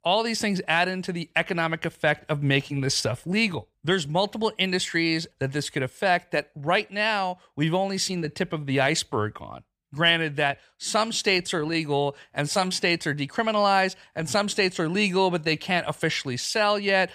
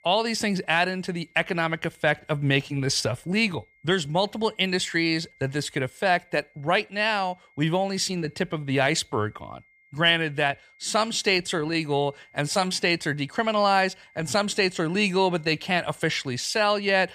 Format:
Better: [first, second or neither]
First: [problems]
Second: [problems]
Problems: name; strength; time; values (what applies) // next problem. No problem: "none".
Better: first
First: none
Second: high-pitched whine; faint; throughout; 2 kHz, 30 dB below the speech